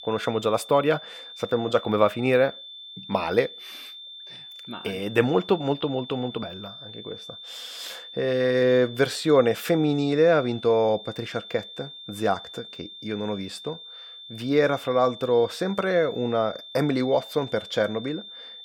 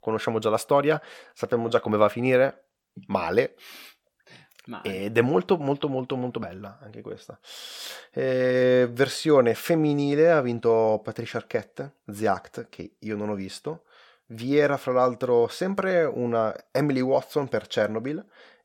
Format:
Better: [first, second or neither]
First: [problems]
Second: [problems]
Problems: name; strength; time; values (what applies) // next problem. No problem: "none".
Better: second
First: high-pitched whine; noticeable; throughout; 3.5 kHz, 15 dB below the speech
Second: none